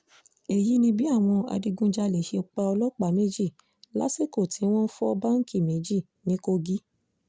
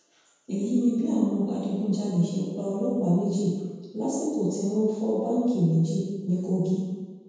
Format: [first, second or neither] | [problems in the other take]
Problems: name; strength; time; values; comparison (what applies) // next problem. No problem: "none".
first | room echo; dies away in 1.2 s